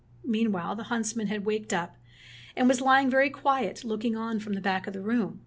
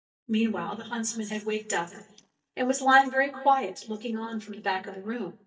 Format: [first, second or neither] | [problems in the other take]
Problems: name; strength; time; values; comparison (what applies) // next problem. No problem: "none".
first | noise reduction (neural mask model DeepFilterNet 3)